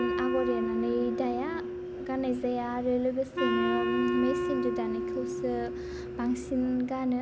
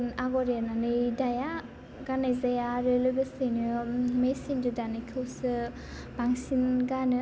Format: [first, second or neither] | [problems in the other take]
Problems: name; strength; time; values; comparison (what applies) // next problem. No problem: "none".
second | background sound (Wind instrument, woodwind instrument); 2 dB below the speech